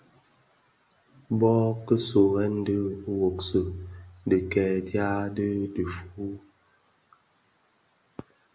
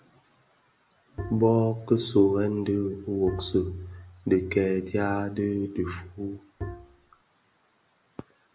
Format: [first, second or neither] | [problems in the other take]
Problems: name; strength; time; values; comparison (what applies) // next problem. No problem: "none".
first | background sound (Bowed string instrument); 11 dB below the speech